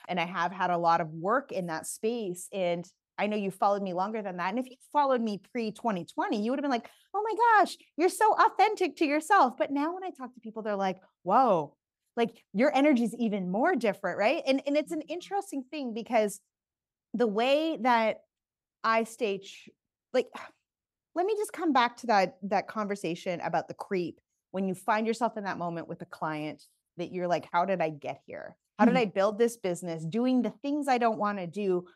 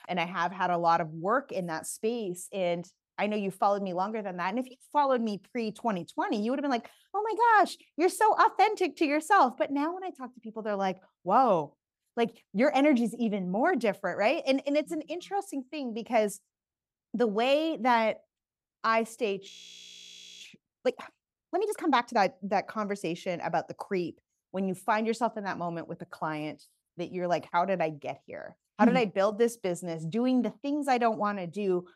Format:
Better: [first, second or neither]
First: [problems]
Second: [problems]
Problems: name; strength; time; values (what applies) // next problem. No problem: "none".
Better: first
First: none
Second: audio freezing; at 19 s for 1 s